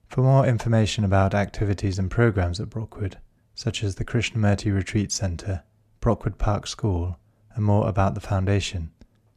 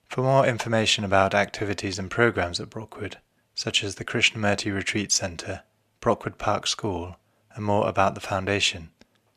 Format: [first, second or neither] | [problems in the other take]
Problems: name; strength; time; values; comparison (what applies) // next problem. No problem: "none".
first | thin; somewhat; fading below 600 Hz